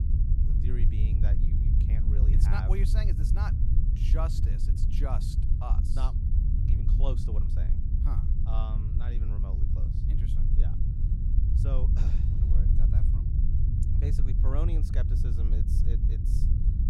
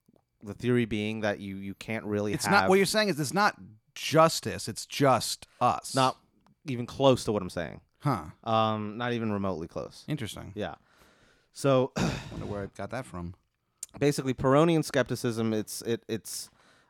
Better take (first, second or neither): second